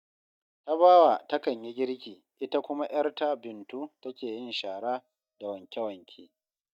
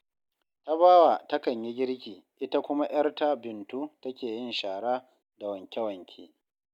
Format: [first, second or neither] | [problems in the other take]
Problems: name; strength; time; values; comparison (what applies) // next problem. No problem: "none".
second | noise reduction (neural mask model DeepFilterNet 3)